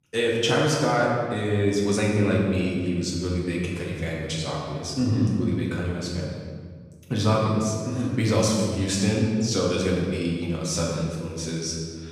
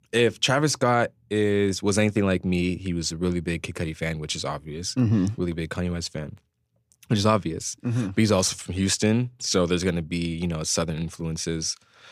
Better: second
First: off-mic speech; far // room echo; noticeable; dies away in 1.5 s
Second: none

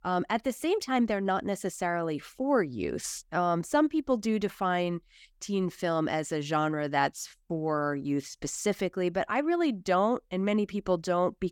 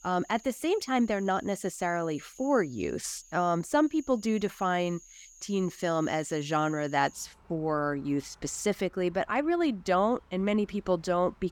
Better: first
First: none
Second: animal sounds; faint; throughout; 25 dB below the speech

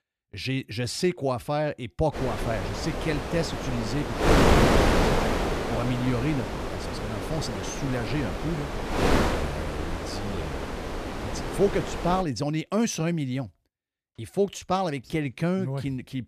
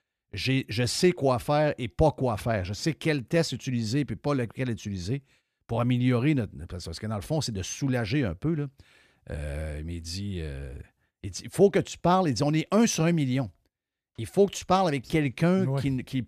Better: second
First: wind noise on the microphone; heavy; from 2 to 12 s; 2 dB above the speech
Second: none

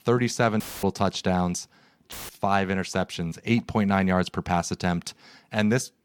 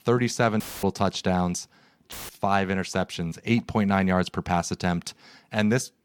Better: neither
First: audio cutting out; filled with static; at 0.5 s and at 2 s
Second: audio cutting out; filled with static; at 0.5 s and at 2 s

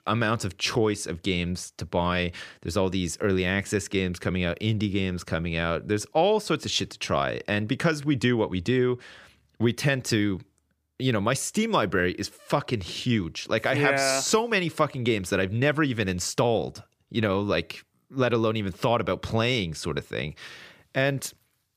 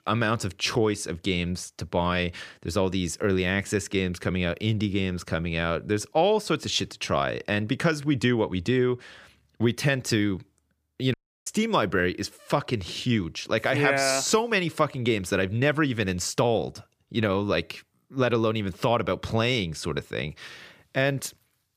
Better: first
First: none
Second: audio cutting out; at 11 s

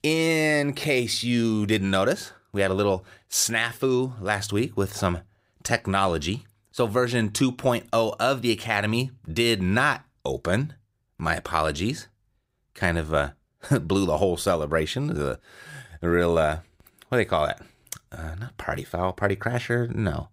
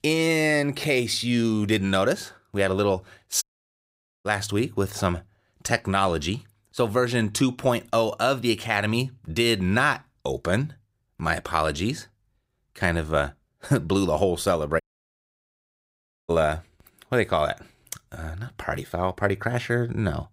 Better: first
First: none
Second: audio cutting out; at 3.5 s for 1 s and at 15 s for 1.5 s

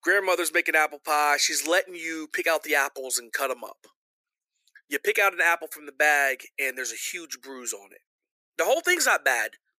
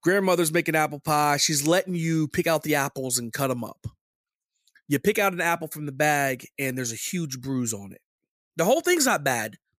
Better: second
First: thin; very; fading below 350 Hz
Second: none

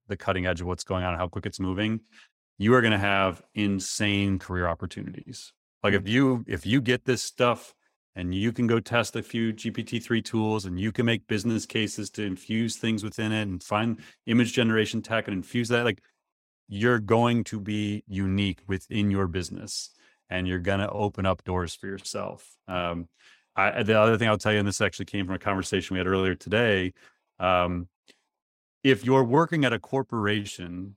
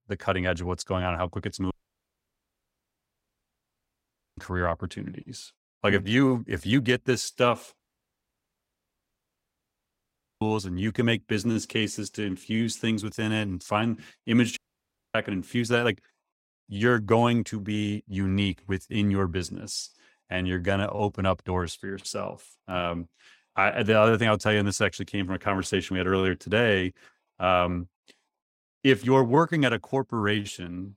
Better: first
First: none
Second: audio cutting out; at 1.5 s for 2.5 s, at 8 s for 2.5 s and at 15 s for 0.5 s

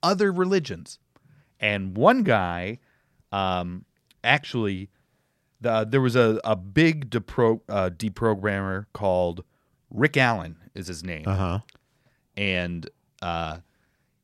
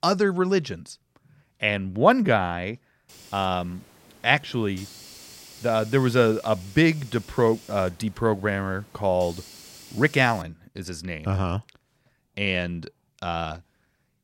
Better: first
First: none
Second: hiss; faint; from 3 to 10 s; 20 dB below the speech

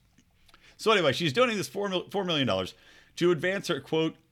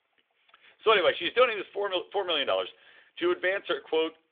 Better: first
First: none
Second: phone-call audio; nothing above 3.5 kHz

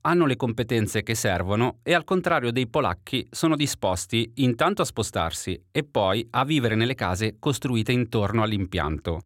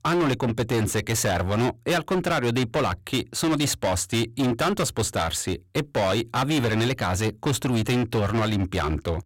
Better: first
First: none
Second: distortion; heavy; 21% of the sound clipped

